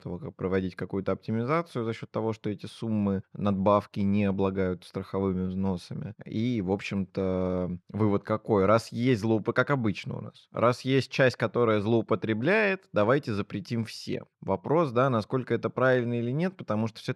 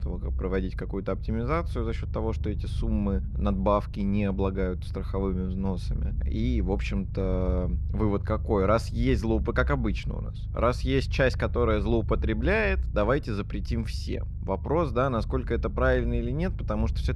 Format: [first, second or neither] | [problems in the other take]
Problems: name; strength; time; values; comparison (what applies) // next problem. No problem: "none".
first | low rumble; noticeable; throughout; 20 dB below the speech